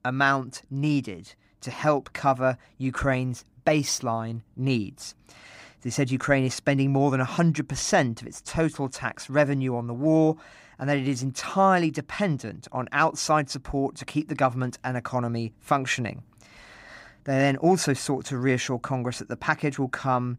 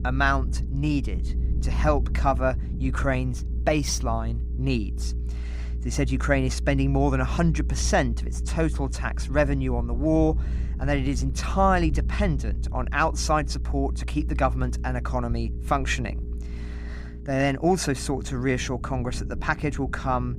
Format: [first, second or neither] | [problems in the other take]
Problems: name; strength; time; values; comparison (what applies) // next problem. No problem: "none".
first | low rumble; noticeable; throughout; 20 dB below the speech